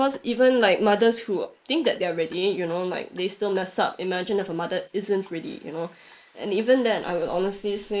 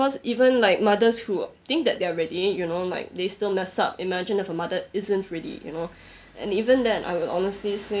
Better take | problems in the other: second | noise reduction (neural mask model Resemble Enhance denoiser)

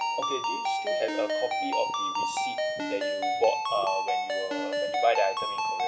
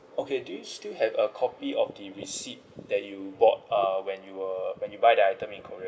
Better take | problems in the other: second | background sound (Ringtone); 2 dB above the speech

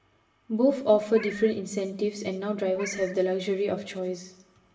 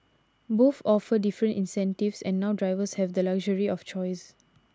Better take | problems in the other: second | background sound (Meow); 16 dB below the speech // room echo; dies away in 0.8 s

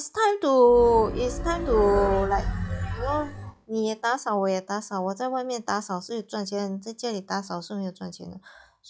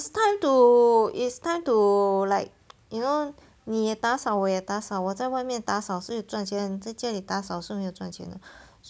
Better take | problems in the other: second | noise reduction (classical method log-MMSE)

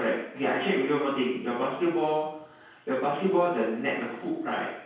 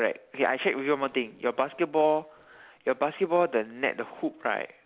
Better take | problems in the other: second | room echo; dies away in 0.6 s

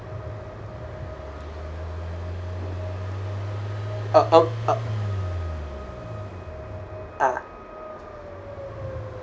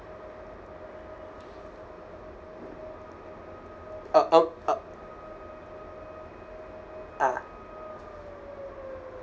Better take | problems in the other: second | background sound (Engine); 4 dB below the speech

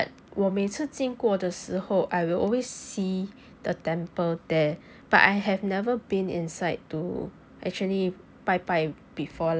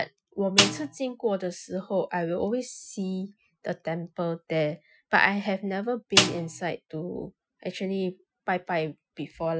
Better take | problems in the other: first | noise reduction (classical method Wiener filter)

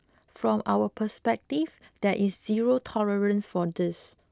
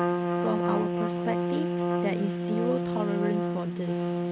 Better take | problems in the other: first | background sound (Trumpet); 4 dB above the speech

